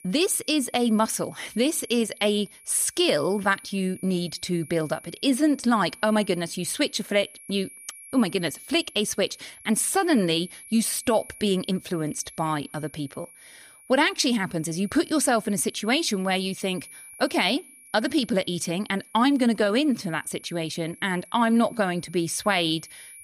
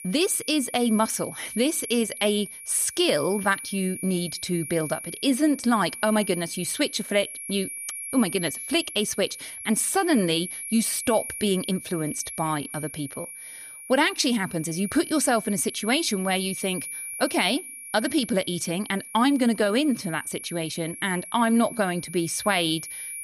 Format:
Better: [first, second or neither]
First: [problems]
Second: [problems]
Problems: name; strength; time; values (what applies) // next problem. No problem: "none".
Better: first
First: high-pitched whine; faint; throughout; 10.5 kHz, 20 dB below the speech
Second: high-pitched whine; loud; throughout; 10.5 kHz, 10 dB below the speech